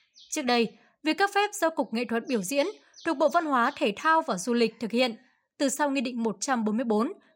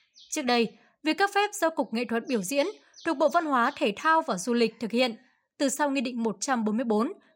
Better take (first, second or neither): neither